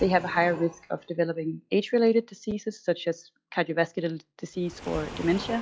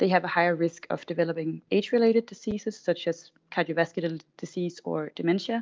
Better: second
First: noise reduction (classical method log-MMSE)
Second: none

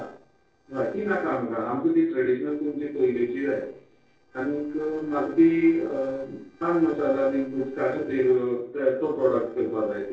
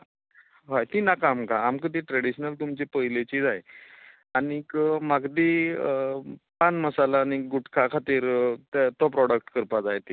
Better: second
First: noise reduction (neural separator model SepFormer DNS4)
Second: none

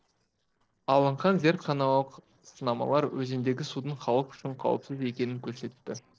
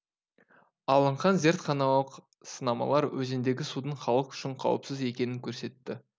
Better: second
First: noise reduction (neural separator model SepFormer DNS4)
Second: none

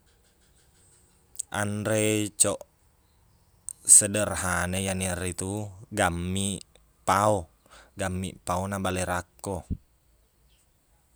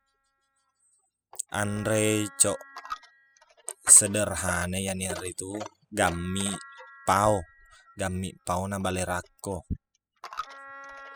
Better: first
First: none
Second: noise reduction (classical method spectral subtraction)

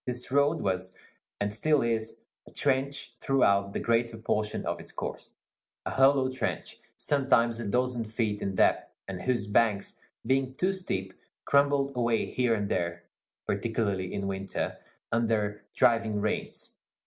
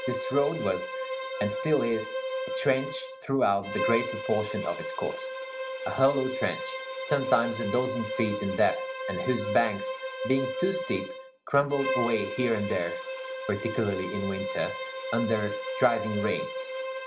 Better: first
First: none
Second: background sound (Bowed string instrument); 4 dB below the speech

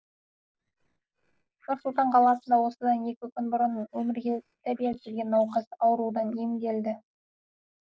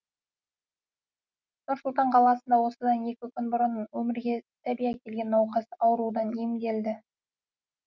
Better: second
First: noise reduction (neural separator model SepFormer DNS4)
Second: none

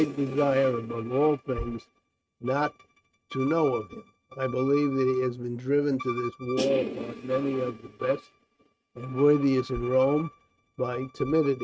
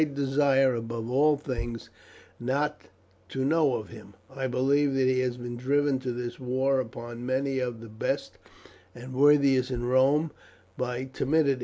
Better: second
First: noise reduction (neural mask model RNNoise)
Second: none

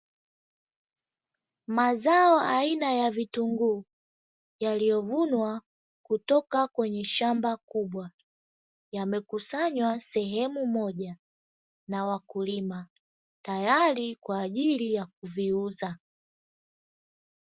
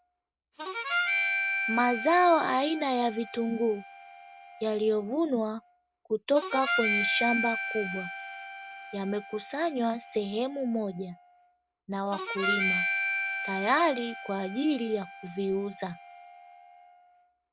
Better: first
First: none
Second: background sound (Harmonica); 4 dB below the speech

